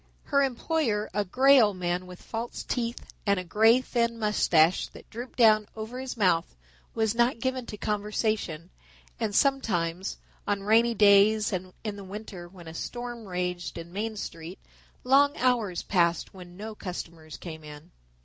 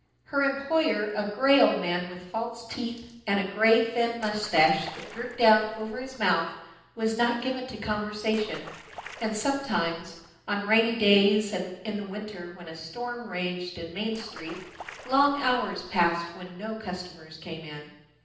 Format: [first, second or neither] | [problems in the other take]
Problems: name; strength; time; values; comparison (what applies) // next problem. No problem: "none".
first | noise reduction (neural separator model SepFormer DNS4)